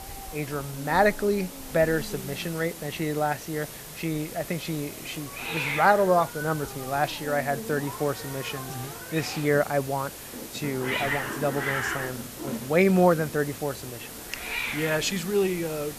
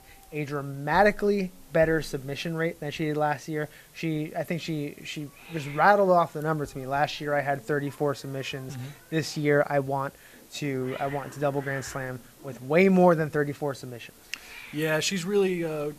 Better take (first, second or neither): second